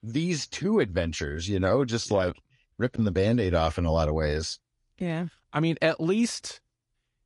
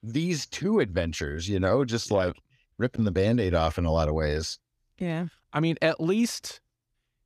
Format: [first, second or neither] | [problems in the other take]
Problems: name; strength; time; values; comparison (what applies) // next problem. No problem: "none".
second | garbled, watery; slightly; nothing above 11 kHz